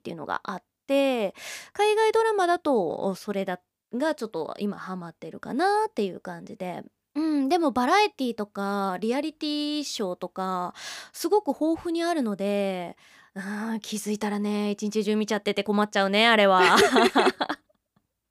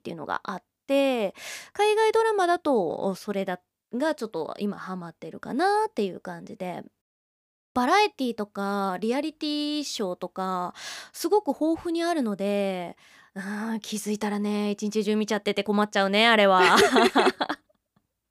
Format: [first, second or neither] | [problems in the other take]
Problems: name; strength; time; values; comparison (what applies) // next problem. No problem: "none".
first | audio cutting out; at 7 s for 0.5 s